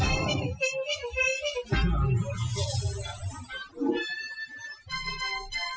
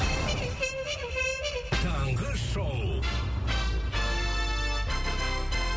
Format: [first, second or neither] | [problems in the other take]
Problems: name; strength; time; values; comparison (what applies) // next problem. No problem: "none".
second | noise reduction (classical method Wiener filter)